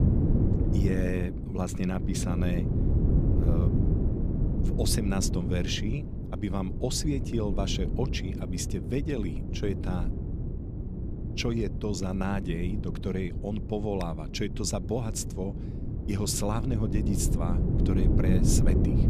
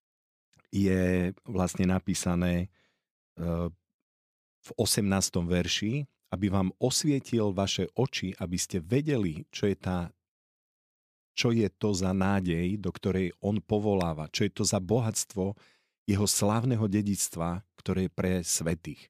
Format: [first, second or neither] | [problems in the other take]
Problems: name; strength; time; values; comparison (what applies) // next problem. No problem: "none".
second | wind noise on the microphone; heavy; 4 dB below the speech